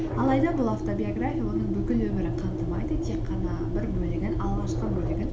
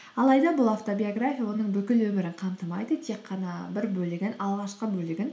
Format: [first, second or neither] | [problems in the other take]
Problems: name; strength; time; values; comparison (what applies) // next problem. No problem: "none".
second | background sound (Engine); 2 dB above the speech